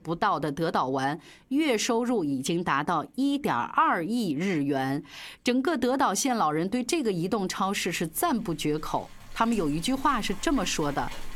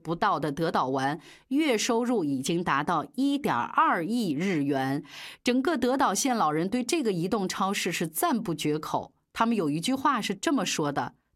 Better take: second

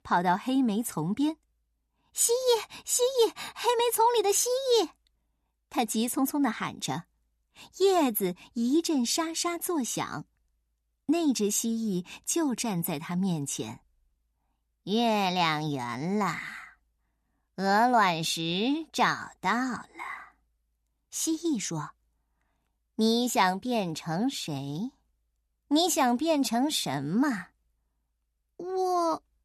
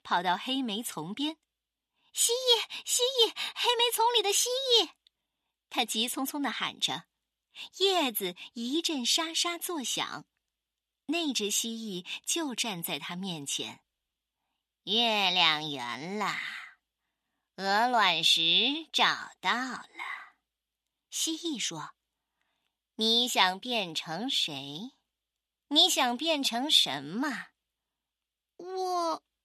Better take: first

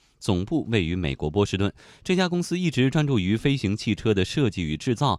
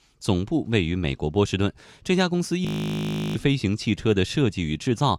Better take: first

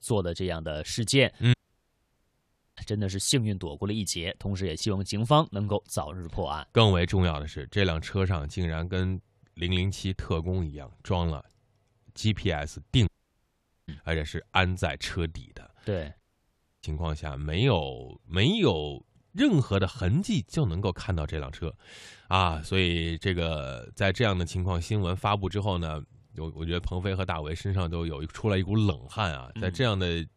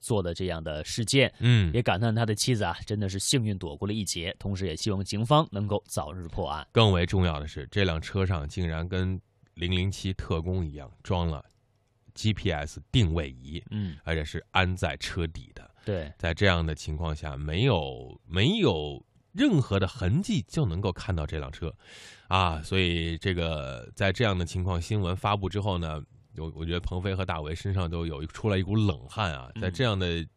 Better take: second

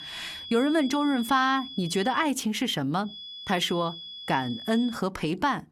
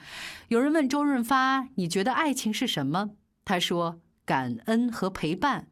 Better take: second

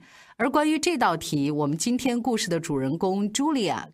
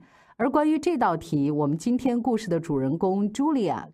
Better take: first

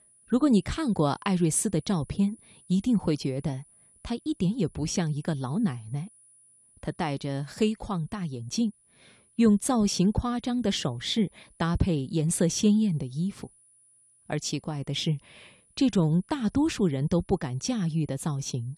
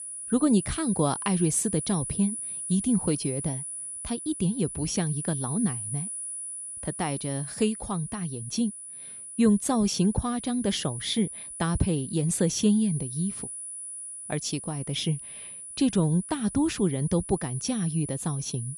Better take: first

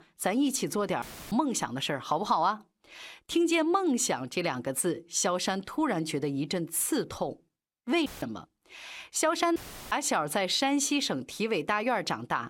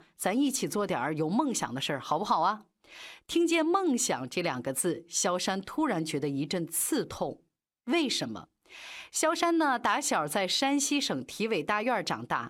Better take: second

